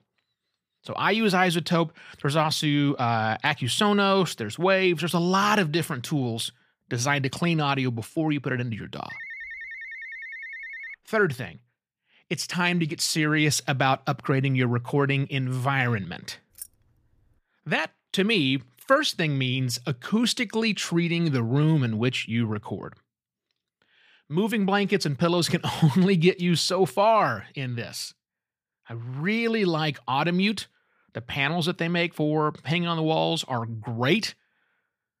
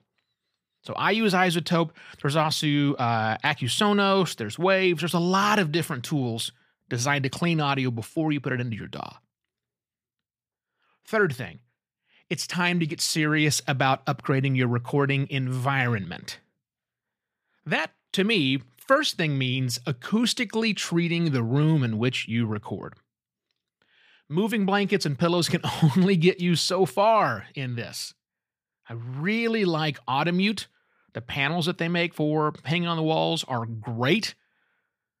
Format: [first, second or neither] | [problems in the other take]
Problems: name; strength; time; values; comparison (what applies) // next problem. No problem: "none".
second | phone ringing; faint; from 9 to 11 s; peak 10 dB below the speech // jangling keys; faint; at 17 s; peak 20 dB below the speech